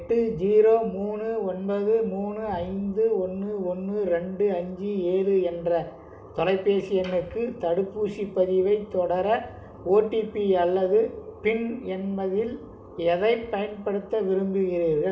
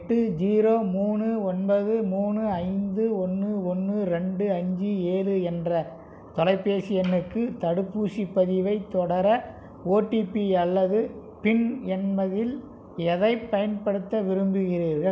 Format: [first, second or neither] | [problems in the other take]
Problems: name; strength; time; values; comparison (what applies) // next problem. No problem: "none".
second | room echo; dies away in 1.1 s